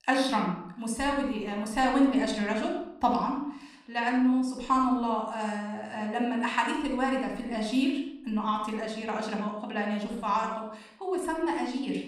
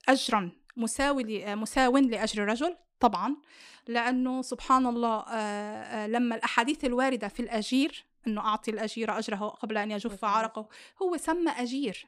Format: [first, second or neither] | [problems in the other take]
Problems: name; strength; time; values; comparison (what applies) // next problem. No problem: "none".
second | off-mic speech; somewhat distant // room echo; noticeable; dies away in 0.7 s